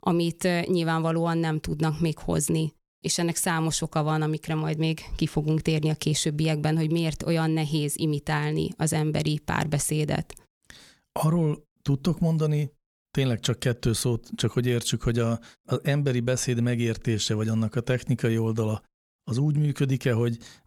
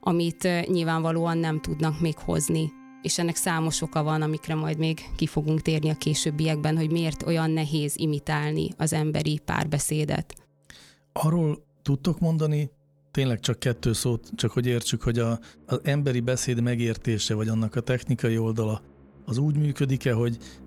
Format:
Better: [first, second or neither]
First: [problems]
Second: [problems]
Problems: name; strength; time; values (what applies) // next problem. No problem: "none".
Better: first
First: none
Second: background music; faint; throughout; 25 dB below the speech